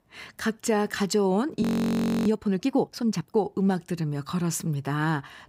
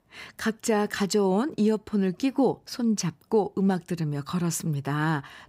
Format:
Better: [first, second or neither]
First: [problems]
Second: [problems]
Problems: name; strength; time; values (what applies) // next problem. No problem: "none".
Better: second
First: audio freezing; at 1.5 s for 0.5 s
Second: none